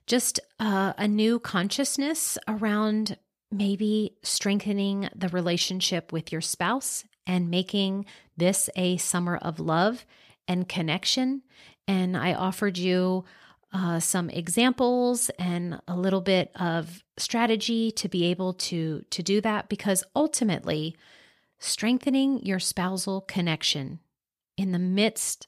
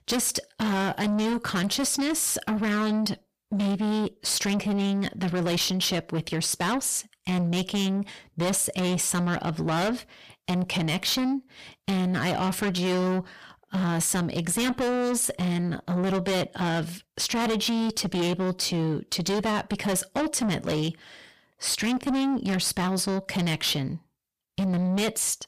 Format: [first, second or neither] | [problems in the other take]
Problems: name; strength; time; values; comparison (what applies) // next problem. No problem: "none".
first | distortion; heavy; 7 dB below the speech